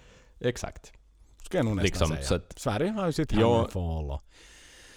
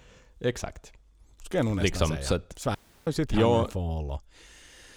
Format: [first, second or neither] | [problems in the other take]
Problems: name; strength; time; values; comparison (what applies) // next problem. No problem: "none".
first | audio cutting out; at 3 s